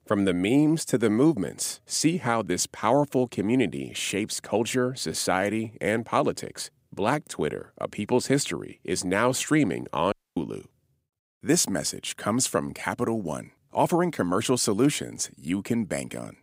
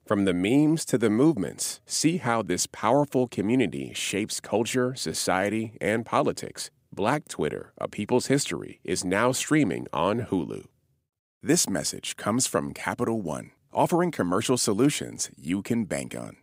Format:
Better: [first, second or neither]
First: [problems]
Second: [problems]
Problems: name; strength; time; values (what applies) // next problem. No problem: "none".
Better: second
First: audio cutting out; at 10 s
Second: none